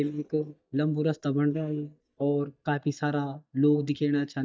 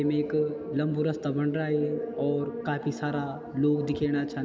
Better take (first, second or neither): second